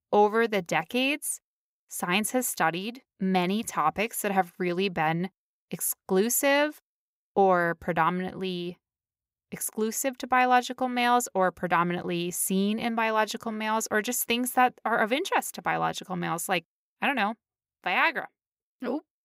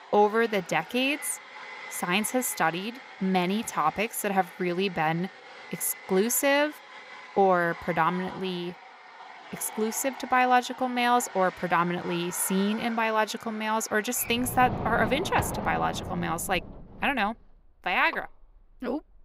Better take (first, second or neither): first